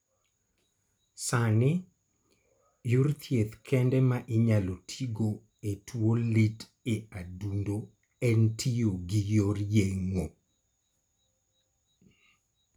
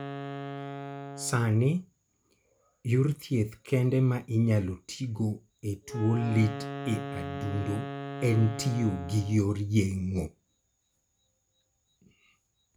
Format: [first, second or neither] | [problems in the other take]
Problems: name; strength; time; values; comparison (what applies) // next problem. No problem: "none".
first | background sound (Wind instrument, woodwind instrument); 12 dB below the speech